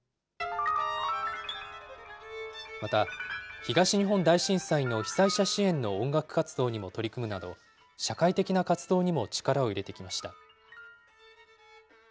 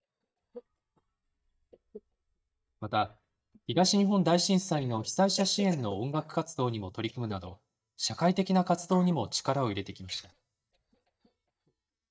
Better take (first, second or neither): first